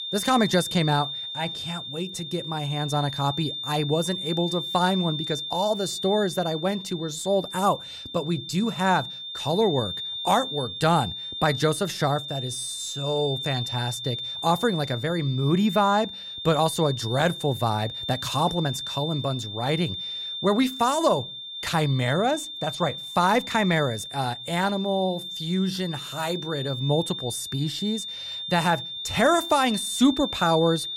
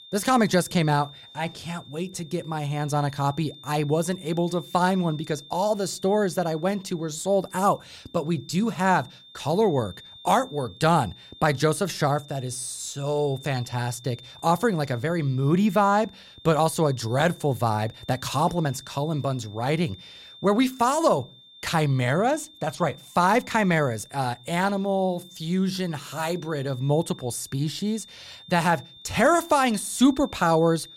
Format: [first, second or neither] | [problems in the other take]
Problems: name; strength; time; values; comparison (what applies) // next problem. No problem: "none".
second | high-pitched whine; loud; throughout; 3.5 kHz, 6 dB below the speech; faint in the second